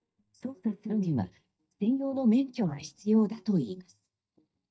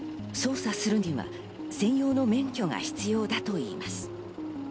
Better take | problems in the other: second | noise reduction (neural mask model DeepFilterNet 3)

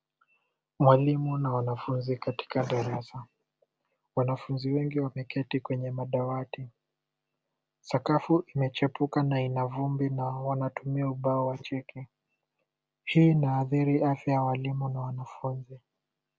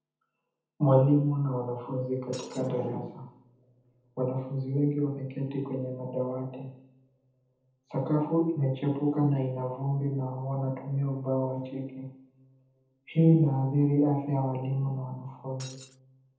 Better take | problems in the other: first | background sound (Shatter); 18 dB below the speech // room echo; dies away in 0.8 s

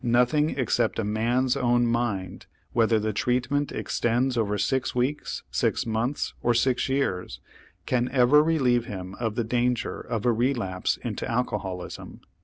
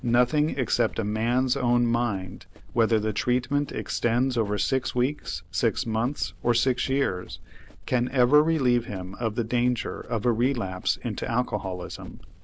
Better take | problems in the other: first | background sound (Run); 15 dB below the speech

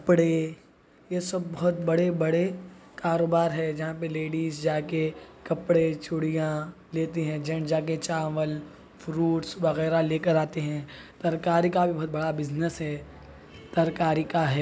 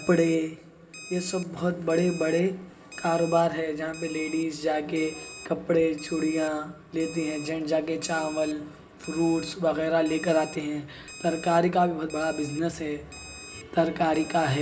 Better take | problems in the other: first | background sound (Alarm); 18 dB below the speech // room echo; dies away in 0.9 s

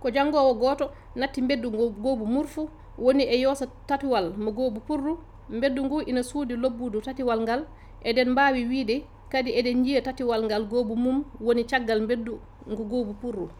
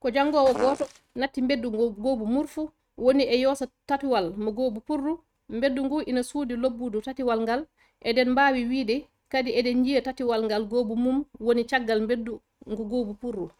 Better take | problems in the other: first | noise reduction (neural mask model RNNoise)

